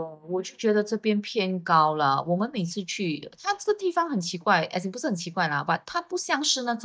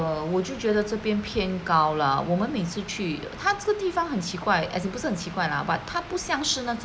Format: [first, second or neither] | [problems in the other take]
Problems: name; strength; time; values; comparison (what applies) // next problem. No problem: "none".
second | noise reduction (neural mask model DeepFilterNet 3)